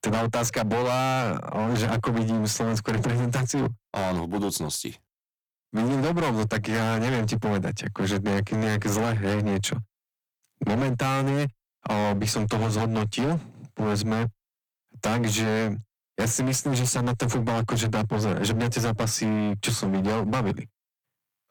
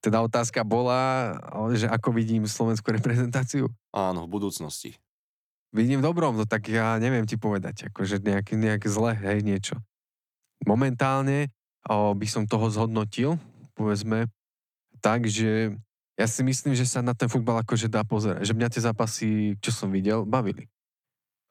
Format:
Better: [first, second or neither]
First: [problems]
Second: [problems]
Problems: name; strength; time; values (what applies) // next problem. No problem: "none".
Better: second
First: distortion; heavy; 30% of the sound clipped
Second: none